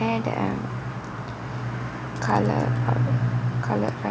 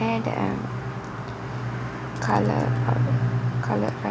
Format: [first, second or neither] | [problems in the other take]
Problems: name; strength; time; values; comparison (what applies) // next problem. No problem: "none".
first | background sound (Brass instrument); 20 dB below the speech